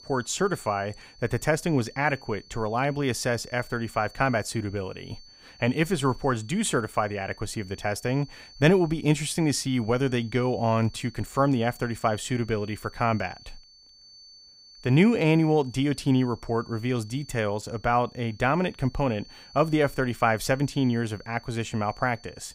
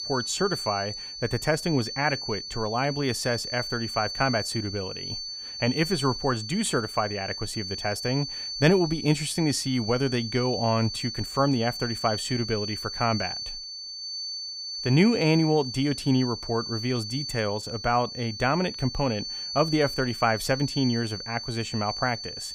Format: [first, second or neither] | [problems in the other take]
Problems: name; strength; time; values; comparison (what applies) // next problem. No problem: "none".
first | high-pitched whine; loud; throughout; 4.5 kHz, 6 dB below the speech; faint in the first